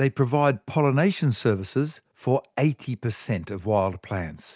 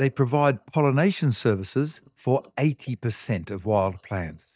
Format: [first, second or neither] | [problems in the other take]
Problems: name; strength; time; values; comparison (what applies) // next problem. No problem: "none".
first | noise reduction (neural mask model DeepFilterNet 3)